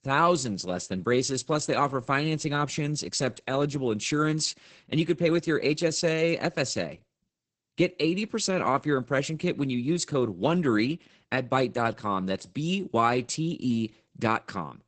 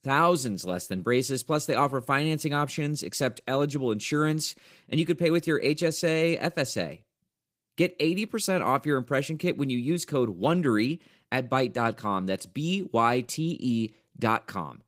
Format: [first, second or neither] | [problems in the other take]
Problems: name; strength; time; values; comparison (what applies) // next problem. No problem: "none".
second | garbled, watery; badly; nothing above 8 kHz; slightly in the second